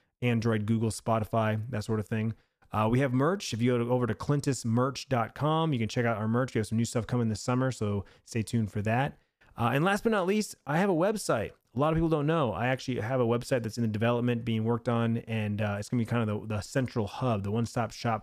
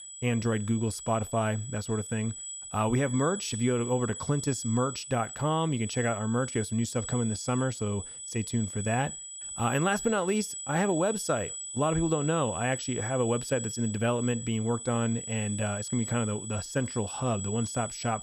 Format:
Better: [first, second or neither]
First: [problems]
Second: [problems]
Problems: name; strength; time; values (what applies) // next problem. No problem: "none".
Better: first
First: none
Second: high-pitched whine; loud; throughout; 8 kHz, 7 dB below the speech